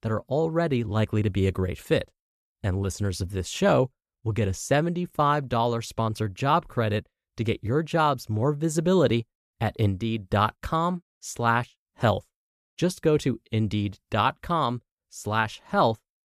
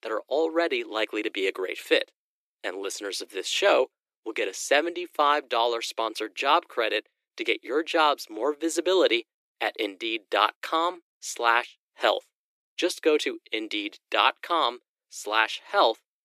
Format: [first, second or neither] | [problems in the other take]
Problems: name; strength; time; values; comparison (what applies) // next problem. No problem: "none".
first | thin; very; fading below 300 Hz